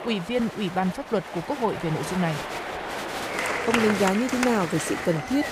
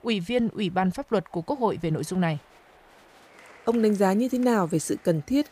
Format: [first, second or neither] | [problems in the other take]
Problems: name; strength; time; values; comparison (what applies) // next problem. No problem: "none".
second | crowd noise; loud; throughout; 4 dB below the speech; faint in the second